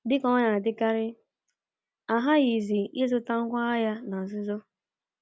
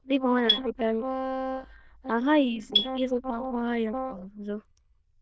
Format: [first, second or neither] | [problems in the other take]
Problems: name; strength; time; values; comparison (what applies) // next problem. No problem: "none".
first | noise reduction (neural diffusion model UNIVERSE++)